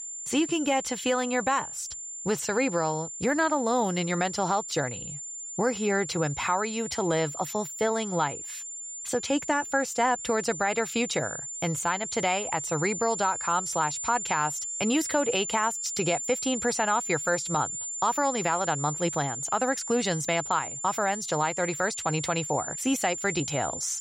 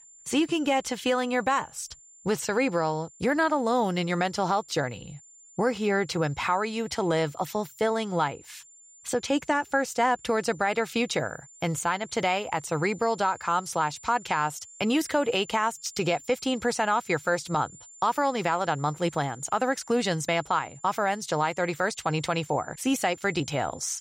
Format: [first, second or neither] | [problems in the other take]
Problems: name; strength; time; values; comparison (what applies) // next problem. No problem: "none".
second | high-pitched whine; loud; throughout; 7 kHz, 5 dB below the speech; faint in the second